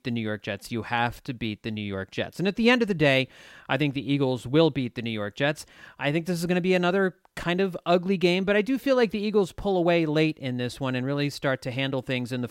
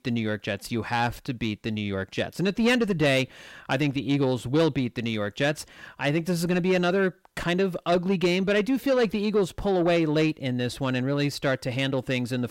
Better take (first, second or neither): first